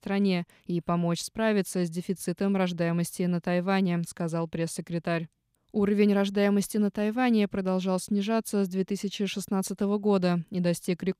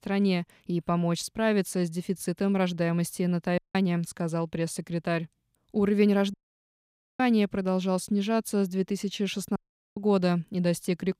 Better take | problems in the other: first | audio cutting out; at 3.5 s, at 6.5 s for 1 s and at 9.5 s

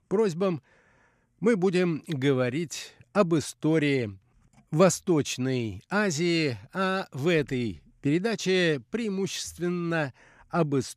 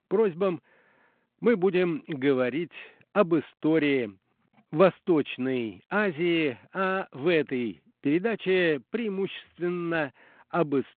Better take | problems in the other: first | phone-call audio; nothing above 3.5 kHz

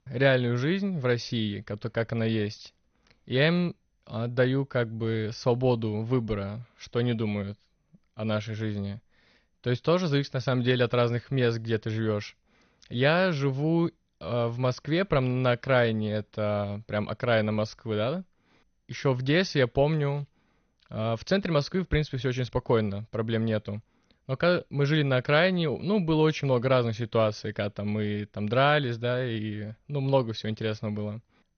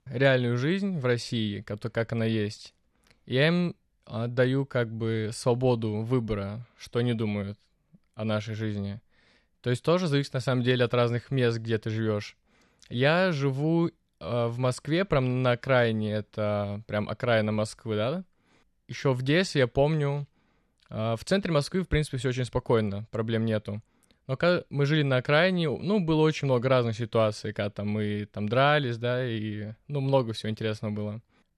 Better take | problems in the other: second | garbled, watery; slightly; nothing above 6.5 kHz

